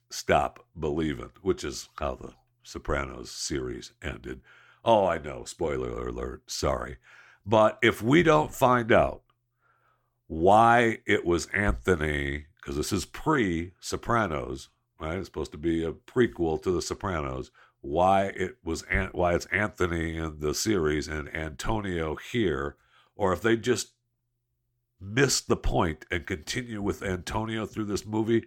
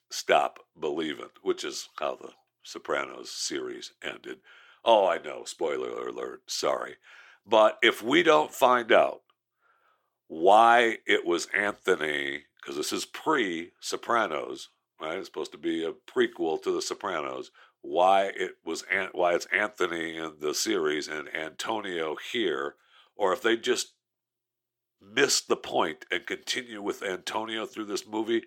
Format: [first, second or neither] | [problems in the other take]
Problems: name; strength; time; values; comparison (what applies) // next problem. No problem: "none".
first | thin; somewhat; fading below 400 Hz